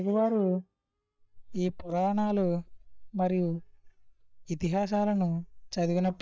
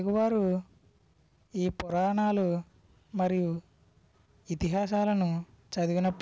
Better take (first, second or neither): second